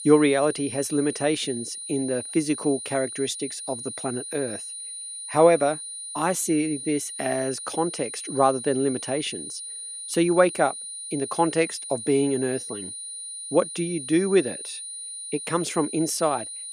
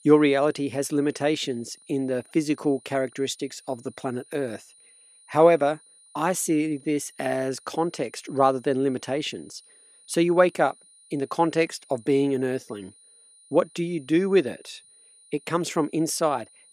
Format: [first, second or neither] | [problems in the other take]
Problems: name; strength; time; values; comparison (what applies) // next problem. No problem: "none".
second | high-pitched whine; loud; throughout; 9.5 kHz, 8 dB below the speech; faint in the second